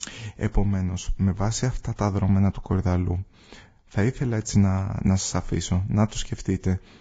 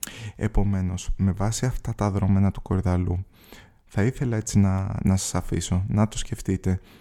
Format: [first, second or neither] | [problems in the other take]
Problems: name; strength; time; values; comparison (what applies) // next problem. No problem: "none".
second | garbled, watery; badly; nothing above 7.5 kHz